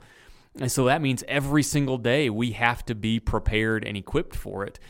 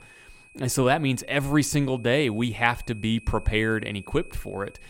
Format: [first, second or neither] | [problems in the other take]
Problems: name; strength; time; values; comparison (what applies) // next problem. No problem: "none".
first | high-pitched whine; faint; throughout; 2.5 kHz, 25 dB below the speech